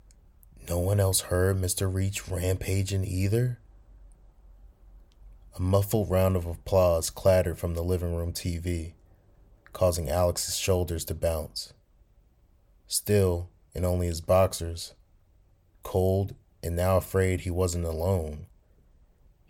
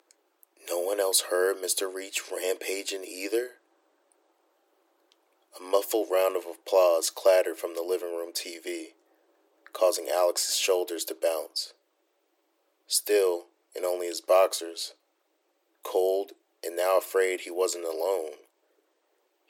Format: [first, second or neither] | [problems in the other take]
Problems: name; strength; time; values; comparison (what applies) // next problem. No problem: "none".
first | thin; very; fading below 300 Hz